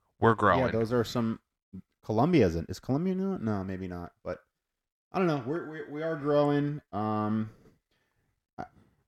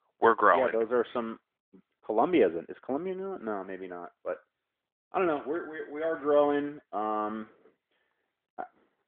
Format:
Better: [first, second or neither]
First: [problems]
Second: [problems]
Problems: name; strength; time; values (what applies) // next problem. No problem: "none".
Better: first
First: none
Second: phone-call audio